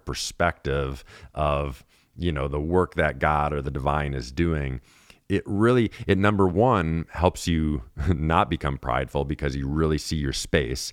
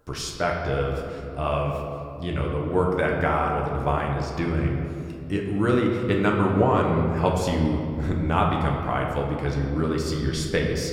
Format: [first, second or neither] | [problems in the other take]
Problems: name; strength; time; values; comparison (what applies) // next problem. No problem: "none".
first | room echo; noticeable; dies away in 2.2 s // off-mic speech; somewhat distant